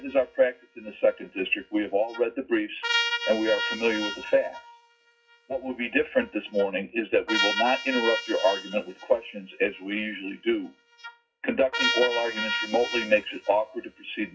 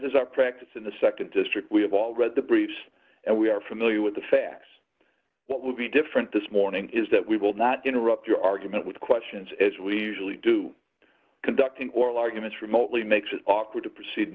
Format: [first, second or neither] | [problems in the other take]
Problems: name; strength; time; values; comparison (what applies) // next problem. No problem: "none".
second | noise reduction (classical method WPE with log-MMSE)